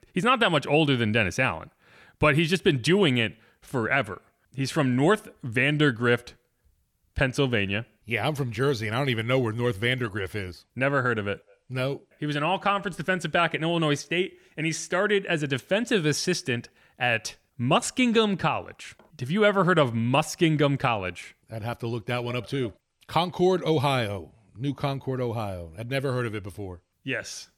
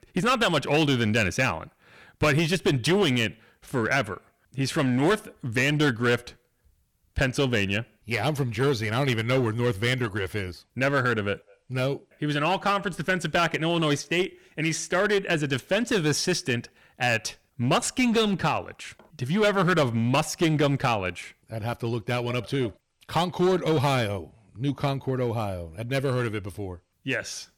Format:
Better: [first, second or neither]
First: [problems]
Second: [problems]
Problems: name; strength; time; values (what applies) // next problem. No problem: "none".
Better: first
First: none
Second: distortion; slight; 7% of the sound clipped